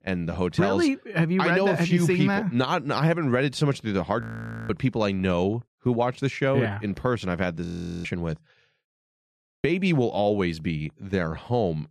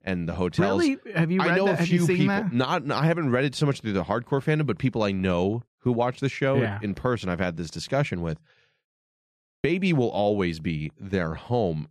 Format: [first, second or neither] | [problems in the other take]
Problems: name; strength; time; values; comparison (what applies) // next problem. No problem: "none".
second | audio freezing; at 4 s and at 7.5 s